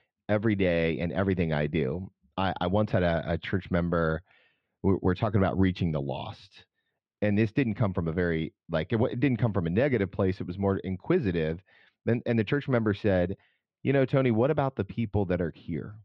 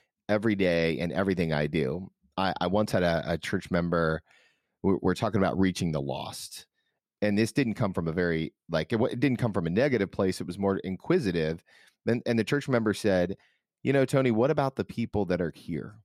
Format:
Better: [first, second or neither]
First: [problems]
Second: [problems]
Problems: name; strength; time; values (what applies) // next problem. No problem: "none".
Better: second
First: muffled; slightly; fading above 3.5 kHz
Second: none